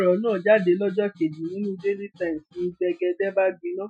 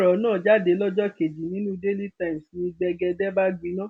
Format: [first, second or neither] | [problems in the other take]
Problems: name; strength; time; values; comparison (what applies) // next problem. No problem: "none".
second | noise reduction (classical method Wiener filter)